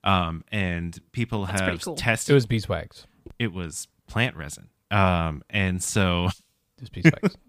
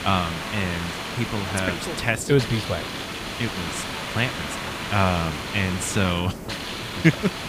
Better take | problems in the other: first | hiss; loud; throughout; 5 dB below the speech

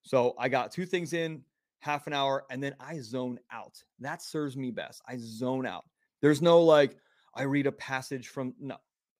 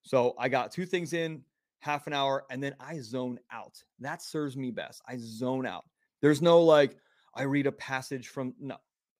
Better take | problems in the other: neither | none

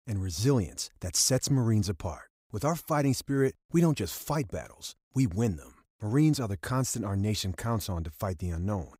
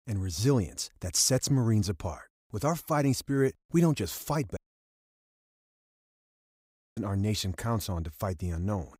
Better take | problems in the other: first | audio cutting out; at 4.5 s for 2.5 s

